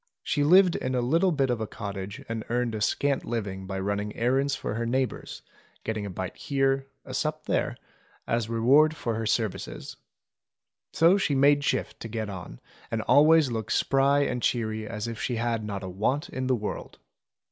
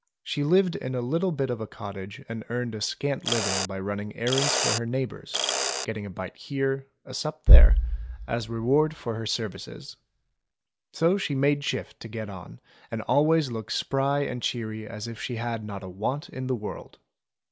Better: first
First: none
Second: background sound (Mechanisms + Bass drum); 1 dB above the speech

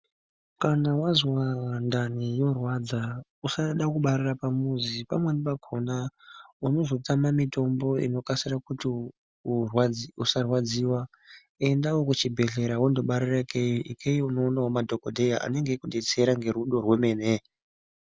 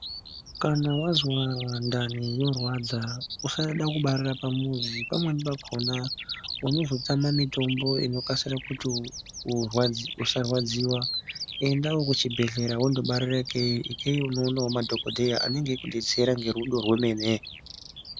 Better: first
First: none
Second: background sound (Bird vocalization, bird call, bird song); 9 dB below the speech

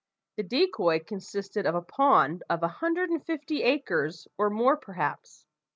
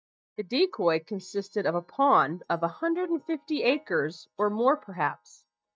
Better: first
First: none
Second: noise reduction (neural mask model DeepFilterNet 3)

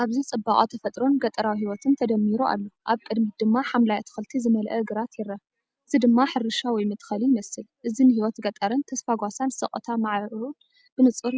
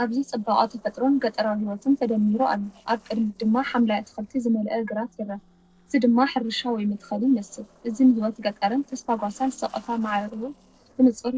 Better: first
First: none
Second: noise reduction (neural separator model SepFormer DNS4)

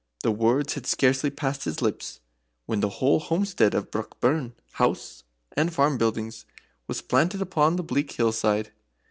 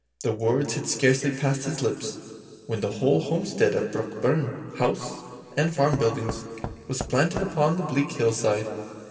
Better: first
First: none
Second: background sound (Knock / Wood); 12 dB below the speech // room echo; dies away in 2.7 s

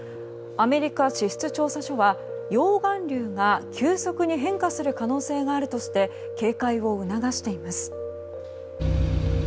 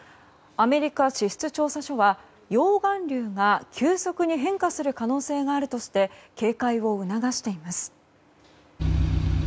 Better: second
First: background sound (Piano); 11 dB below the speech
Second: none

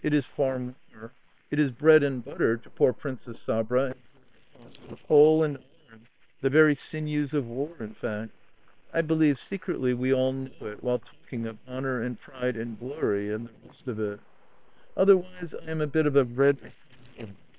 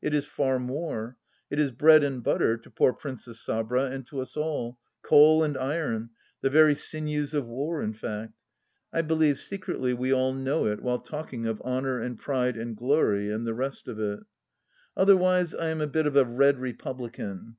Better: second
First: noise reduction (neural separator model SepFormer WHAM!)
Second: none

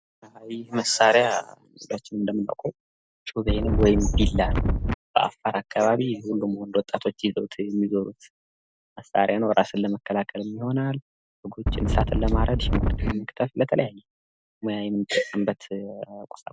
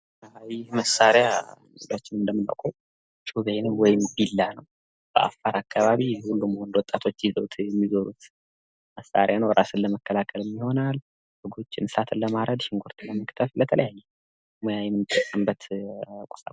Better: second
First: background sound (Wind); 3 dB above the speech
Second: none

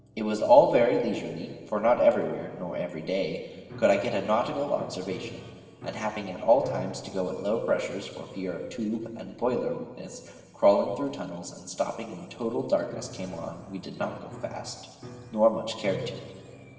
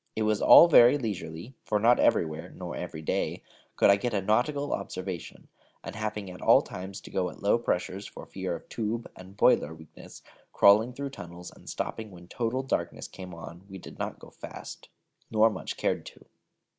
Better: second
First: background sound (Piano); 20 dB below the speech // room echo; dies away in 2.3 s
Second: none

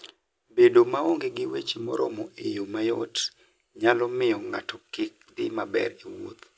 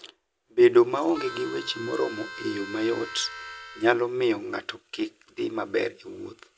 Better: first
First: none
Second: background sound (Harmonica); 13 dB below the speech

